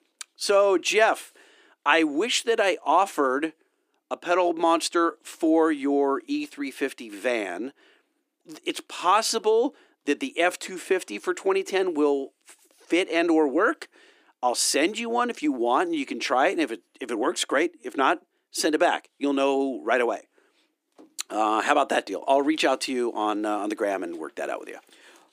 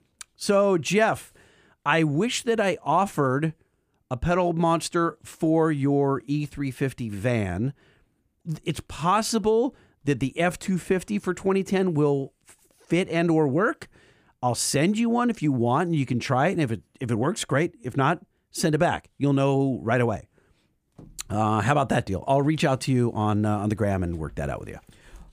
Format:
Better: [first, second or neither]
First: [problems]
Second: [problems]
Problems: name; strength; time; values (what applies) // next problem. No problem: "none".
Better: second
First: thin; somewhat; fading below 300 Hz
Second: none